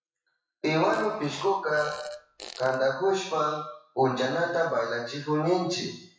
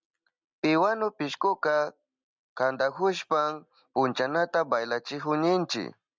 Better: second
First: noise reduction (classical method WPE with log-MMSE)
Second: none

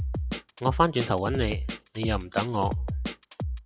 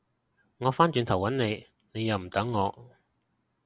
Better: second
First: noise reduction (classical method log-MMSE)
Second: none

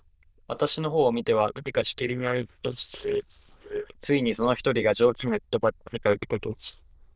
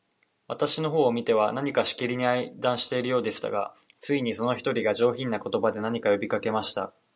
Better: second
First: noise reduction (neural diffusion model UNIVERSE++)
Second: none

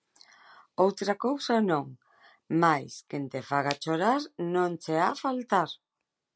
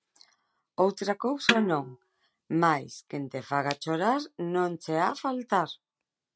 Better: first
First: none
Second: noise reduction (neural mask model RNNoise)

